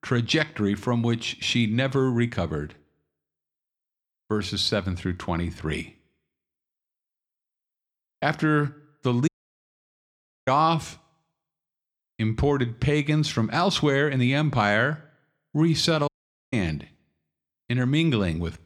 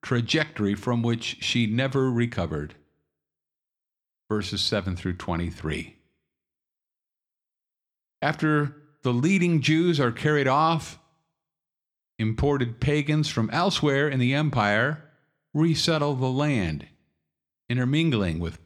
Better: second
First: audio cutting out; at 9.5 s for 1 s and at 16 s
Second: none

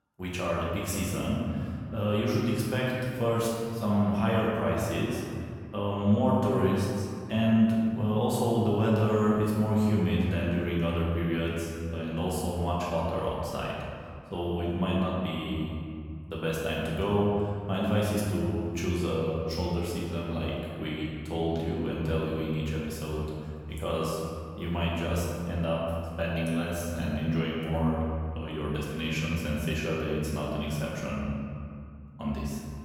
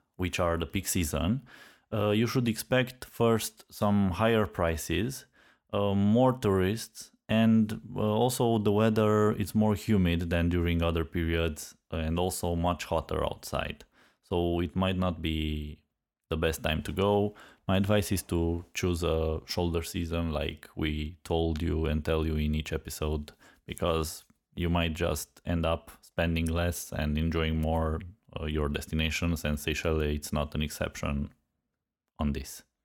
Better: second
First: room echo; strong; dies away in 2.2 s // off-mic speech; far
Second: none

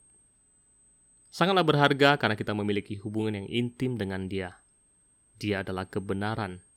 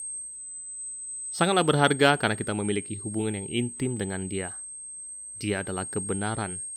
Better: first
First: high-pitched whine; faint; throughout; 8 kHz, 35 dB below the speech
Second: high-pitched whine; loud; throughout; 8 kHz, 8 dB below the speech

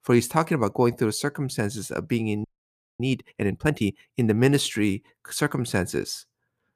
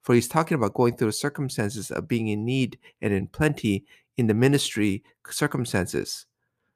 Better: second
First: audio freezing; at 2.5 s for 0.5 s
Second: none

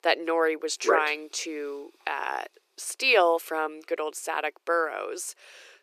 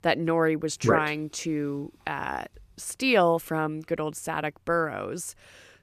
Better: second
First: thin; very; fading below 350 Hz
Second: none

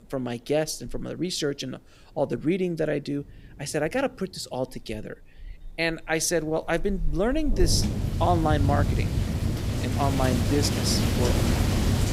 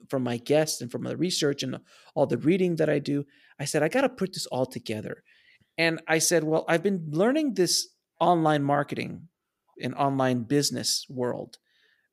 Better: second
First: rain or running water; very loud; throughout; 1 dB above the speech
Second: none

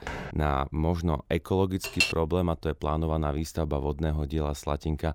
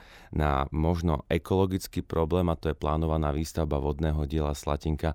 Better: second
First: footsteps; noticeable; at the start; peak 8 dB below the speech // clattering dishes; loud; at 2 s; peak 3 dB above the speech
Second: none

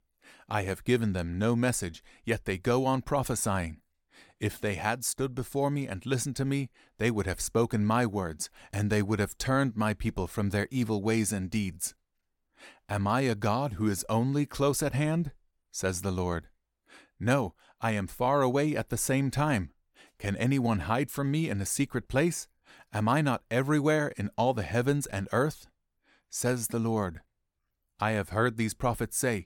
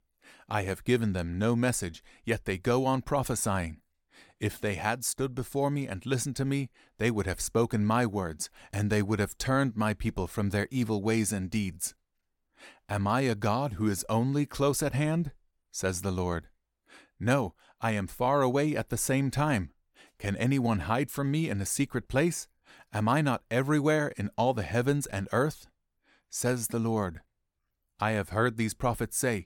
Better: neither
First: none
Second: none

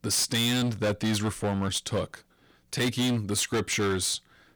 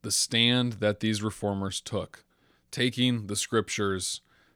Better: second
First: distortion; heavy; 17% of the sound clipped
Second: none

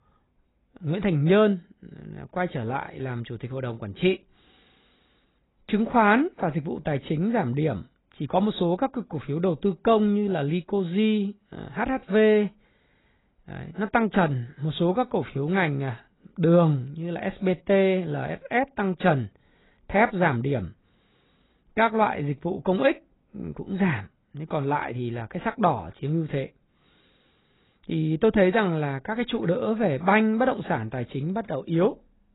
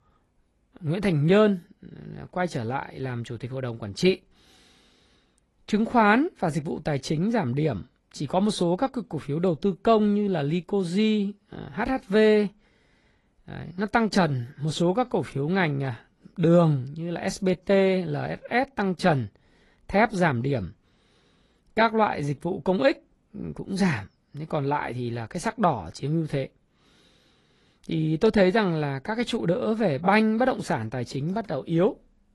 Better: second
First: garbled, watery; badly; nothing above 4 kHz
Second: garbled, watery; slightly; nothing above 11 kHz

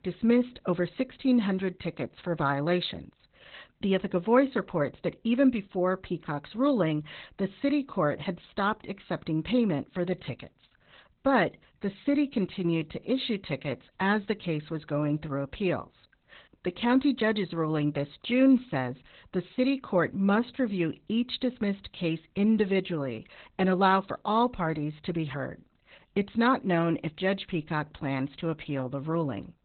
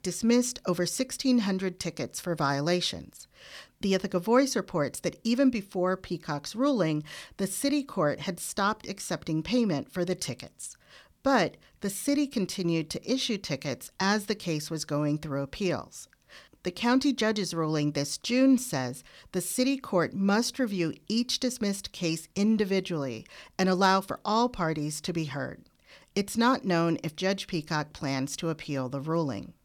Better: second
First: garbled, watery; badly; nothing above 4 kHz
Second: none

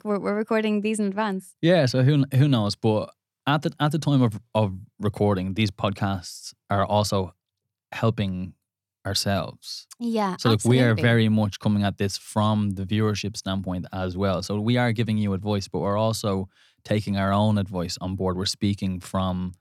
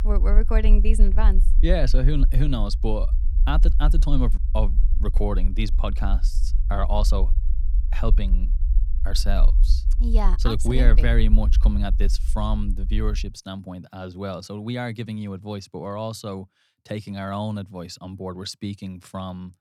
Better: first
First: none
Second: low rumble; noticeable; until 13 s; 15 dB below the speech

